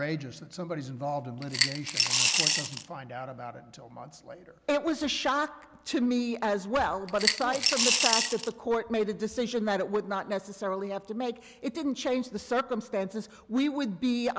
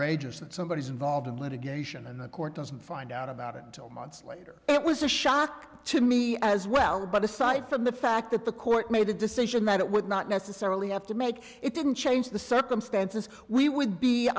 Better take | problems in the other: second | background sound (Coin (dropping) / Glass); 3 dB above the speech

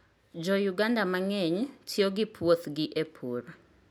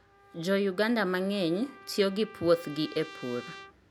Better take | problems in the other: first | background sound (Trumpet); 19 dB below the speech

